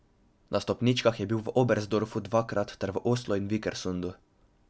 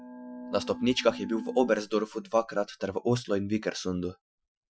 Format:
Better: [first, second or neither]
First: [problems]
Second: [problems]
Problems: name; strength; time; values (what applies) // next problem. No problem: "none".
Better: first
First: none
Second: noise reduction (classical method Wiener filter)